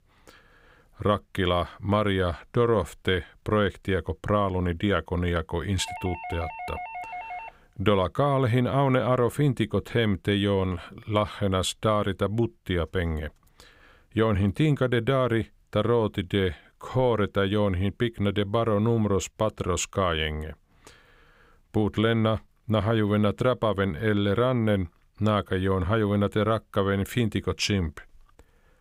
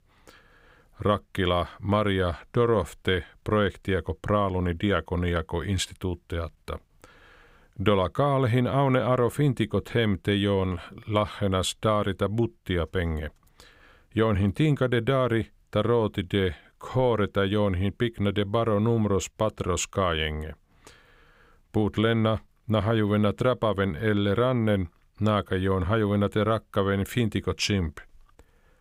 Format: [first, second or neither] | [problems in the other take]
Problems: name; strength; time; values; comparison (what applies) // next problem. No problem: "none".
second | doorbell; noticeable; from 6 to 7.5 s; peak 10 dB below the speech